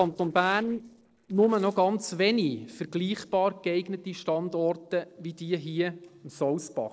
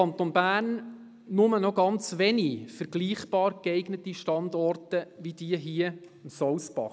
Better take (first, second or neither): second